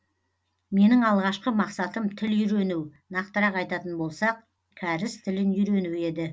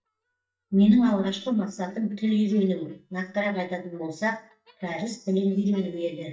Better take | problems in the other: first | noise reduction (neural mask model DeepFilterNet 3)

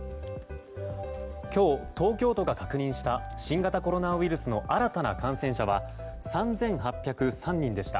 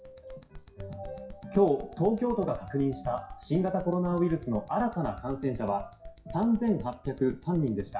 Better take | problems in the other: first | noise reduction (classical method WPE with log-MMSE)

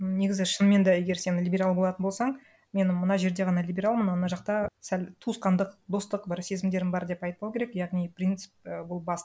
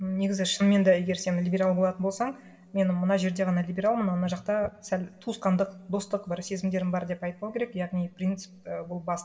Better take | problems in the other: first | room echo; dies away in 0.9 s

